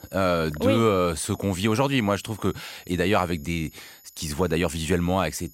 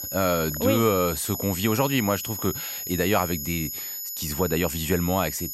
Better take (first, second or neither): first